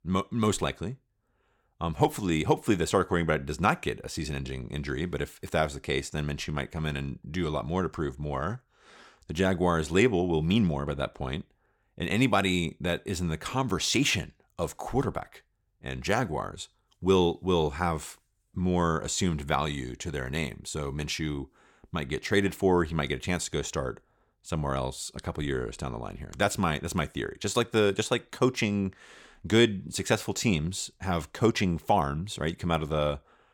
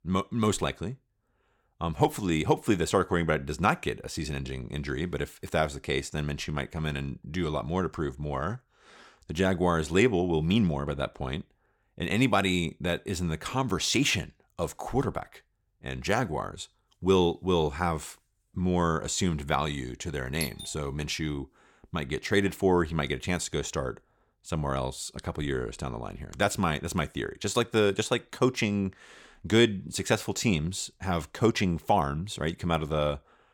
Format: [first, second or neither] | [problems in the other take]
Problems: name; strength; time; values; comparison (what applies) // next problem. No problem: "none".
first | doorbell; noticeable; at 20 s; peak 8 dB below the speech